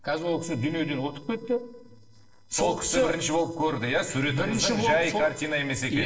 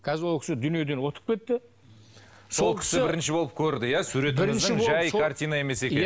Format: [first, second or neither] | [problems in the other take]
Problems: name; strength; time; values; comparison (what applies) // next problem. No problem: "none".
second | noise reduction (neural separator model SepFormer DNS4)